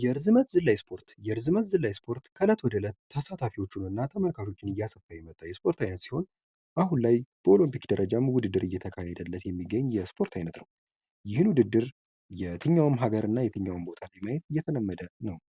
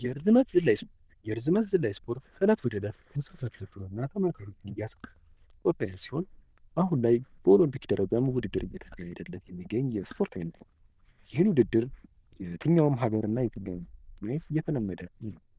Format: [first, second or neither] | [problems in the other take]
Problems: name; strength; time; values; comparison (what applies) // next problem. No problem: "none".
first | noise reduction (neural diffusion model UNIVERSE++)